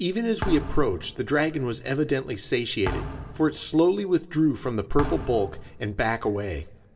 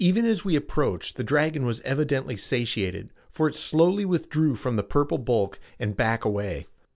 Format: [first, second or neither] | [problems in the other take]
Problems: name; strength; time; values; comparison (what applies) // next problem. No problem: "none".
second | background sound (Thump, thud); 12 dB below the speech // room echo; dies away in 0.9 s